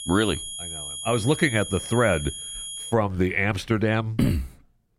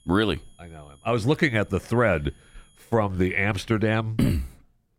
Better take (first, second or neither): second